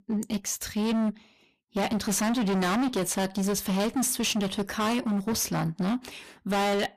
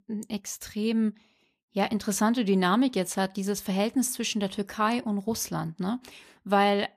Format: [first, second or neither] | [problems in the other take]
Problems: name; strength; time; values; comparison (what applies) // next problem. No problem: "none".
second | distortion; heavy; 26% of the sound clipped